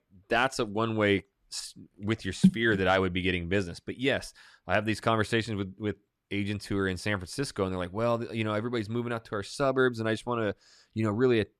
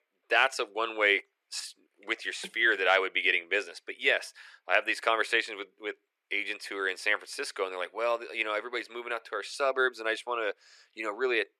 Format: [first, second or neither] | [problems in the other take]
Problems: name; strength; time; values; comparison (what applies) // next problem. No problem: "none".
first | thin; very; fading below 400 Hz